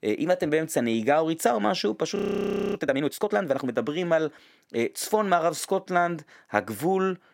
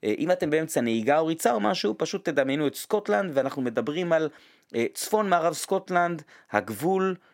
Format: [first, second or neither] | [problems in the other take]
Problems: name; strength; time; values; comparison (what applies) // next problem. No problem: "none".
second | audio freezing; at 2 s for 0.5 s